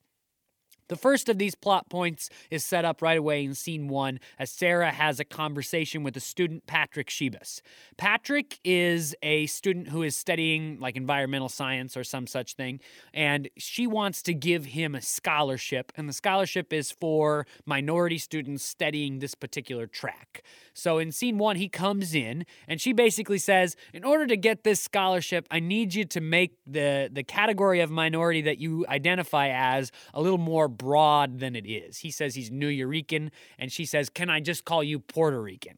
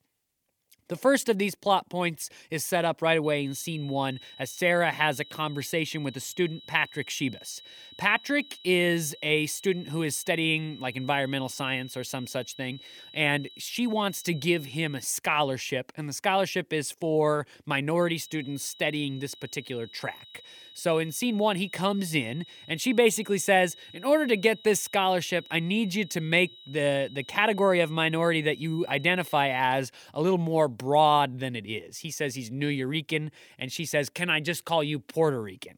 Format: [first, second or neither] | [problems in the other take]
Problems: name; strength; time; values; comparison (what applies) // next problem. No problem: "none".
first | high-pitched whine; noticeable; from 3 to 15 s and from 18 to 30 s; 4 kHz, 20 dB below the speech